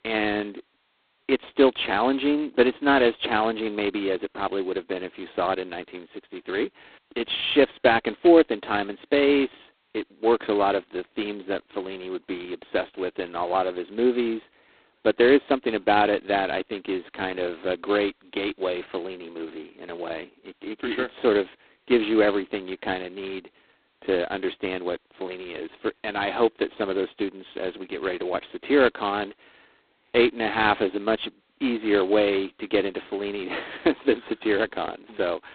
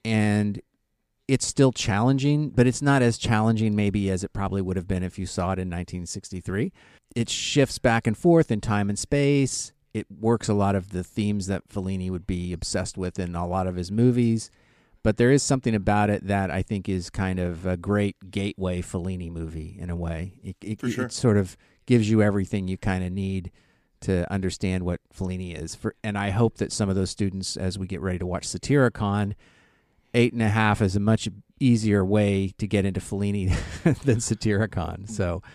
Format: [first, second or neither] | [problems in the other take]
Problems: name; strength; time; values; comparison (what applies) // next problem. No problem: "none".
second | phone-call audio; poor line; nothing above 4 kHz